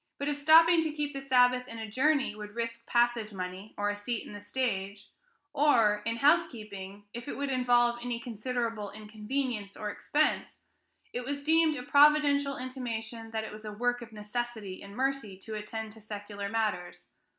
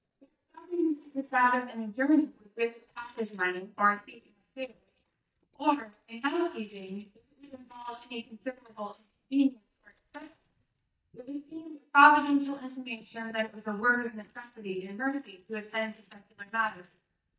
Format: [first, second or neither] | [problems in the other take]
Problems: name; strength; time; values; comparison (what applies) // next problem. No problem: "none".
first | noise reduction (neural mask model DeepFilterNet 3)